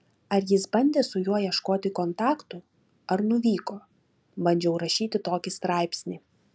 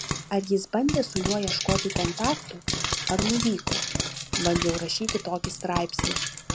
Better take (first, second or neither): first